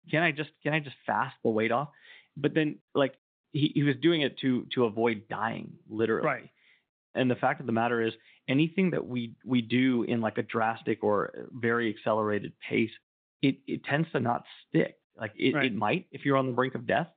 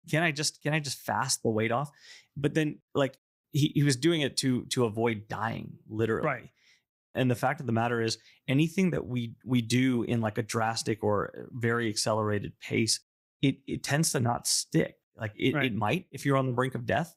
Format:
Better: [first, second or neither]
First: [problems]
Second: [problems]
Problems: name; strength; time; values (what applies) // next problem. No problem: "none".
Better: second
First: phone-call audio; nothing above 3.5 kHz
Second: none